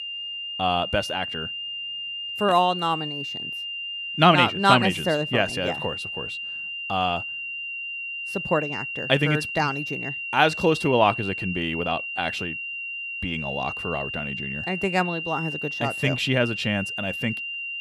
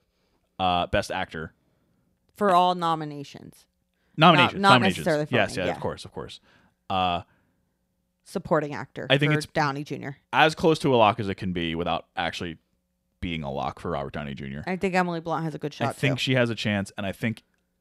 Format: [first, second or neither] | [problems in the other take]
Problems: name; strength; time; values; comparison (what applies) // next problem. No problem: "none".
second | high-pitched whine; loud; throughout; 3 kHz, 5 dB below the speech